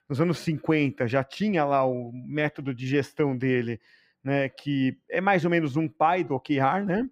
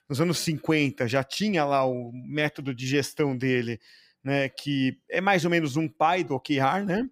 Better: second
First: muffled; slightly; fading above 3.5 kHz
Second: none

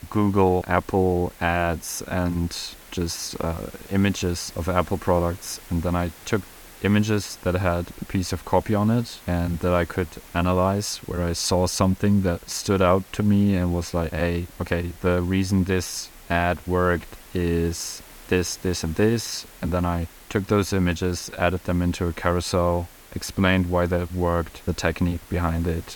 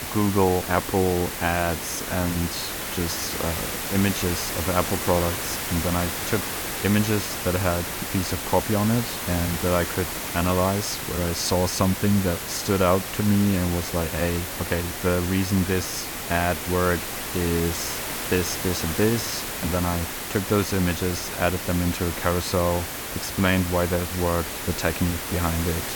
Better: first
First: hiss; faint; throughout; 20 dB below the speech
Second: hiss; loud; throughout; 4 dB below the speech

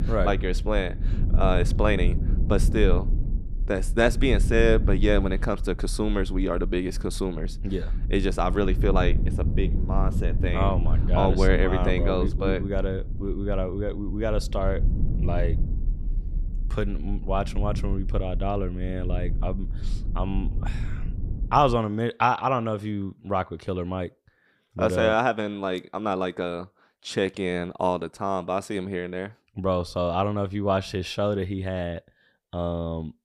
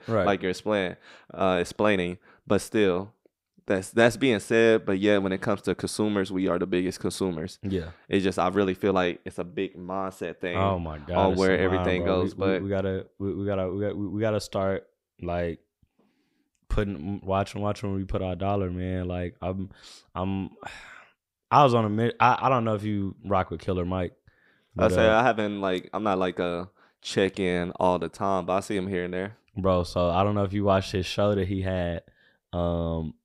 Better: second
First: low rumble; noticeable; until 22 s; 15 dB below the speech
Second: none

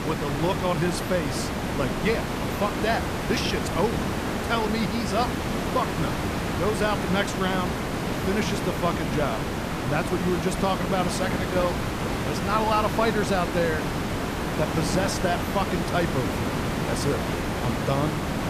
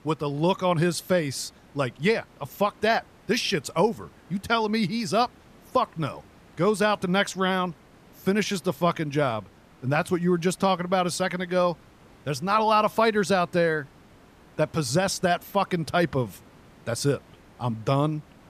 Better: second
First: hiss; loud; throughout; as loud as the speech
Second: hiss; faint; throughout; 30 dB below the speech

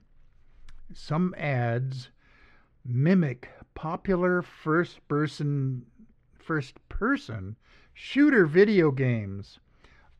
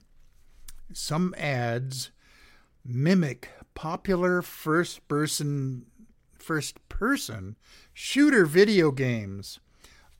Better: second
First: muffled; slightly; fading above 2.5 kHz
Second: none

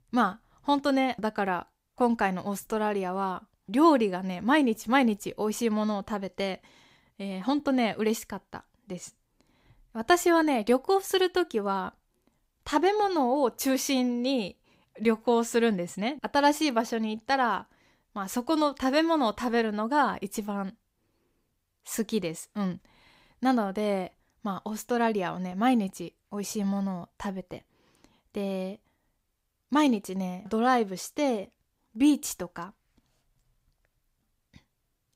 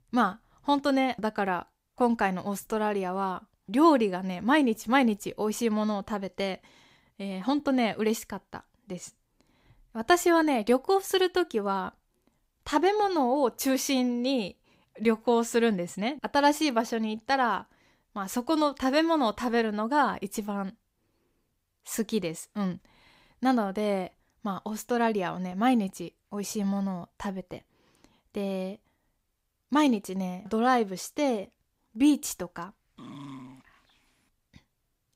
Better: first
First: none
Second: dog barking; faint; at 33 s; peak 15 dB below the speech

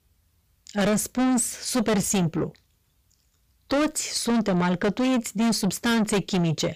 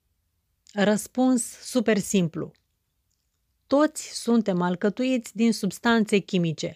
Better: second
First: distortion; heavy; 6 dB below the speech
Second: none

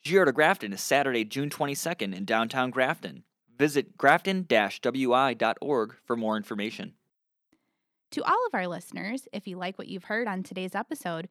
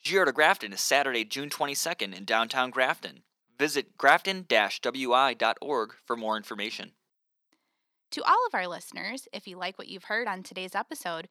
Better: first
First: none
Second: thin; somewhat; fading below 650 Hz

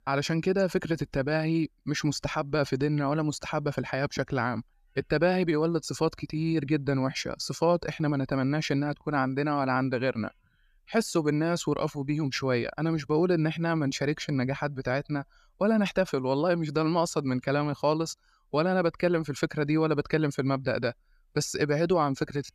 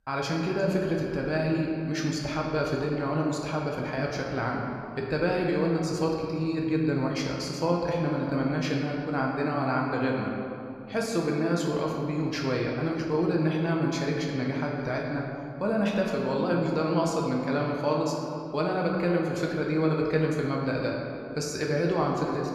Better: first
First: none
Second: room echo; noticeable; dies away in 2.2 s // off-mic speech; somewhat distant

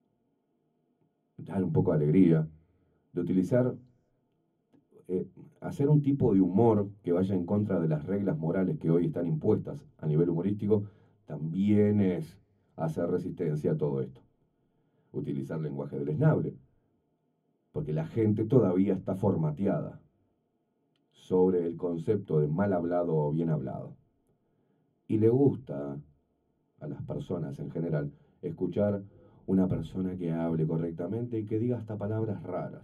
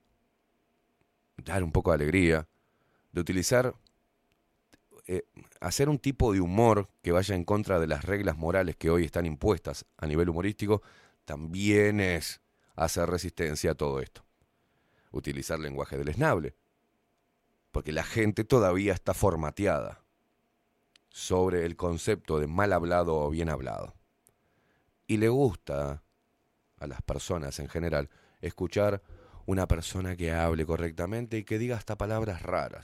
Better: second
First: room echo; slight; dies away in 0.3 s // off-mic speech; far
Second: none

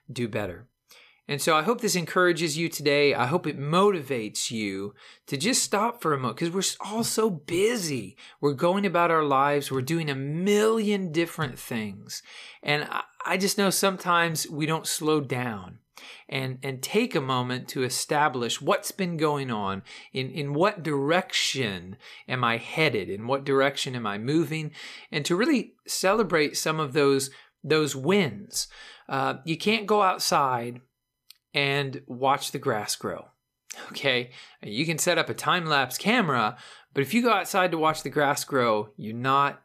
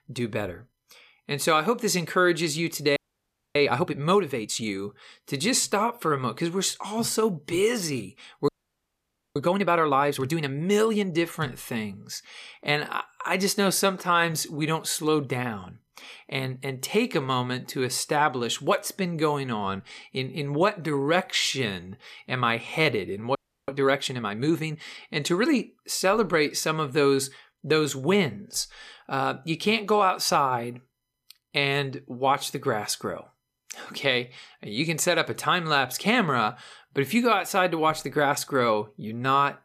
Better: first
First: none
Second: audio freezing; at 3 s for 0.5 s, at 8.5 s for 1 s and at 23 s

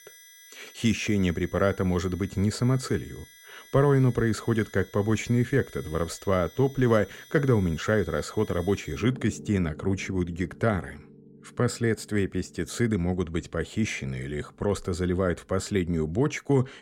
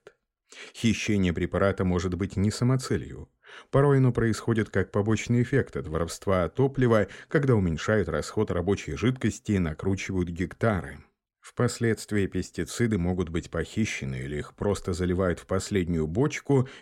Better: second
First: background music; faint; throughout; 20 dB below the speech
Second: none

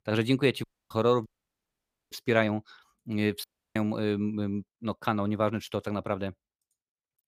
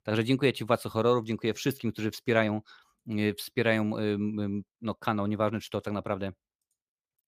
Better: second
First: audio cutting out; at 0.5 s, at 1.5 s for 1 s and at 3.5 s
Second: none

